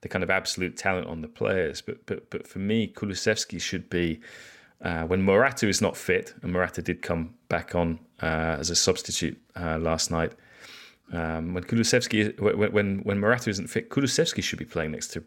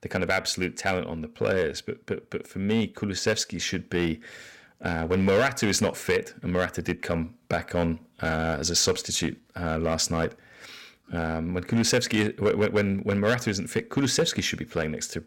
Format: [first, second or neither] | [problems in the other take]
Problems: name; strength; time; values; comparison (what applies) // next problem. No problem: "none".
first | distortion; slight; 3% of the sound clipped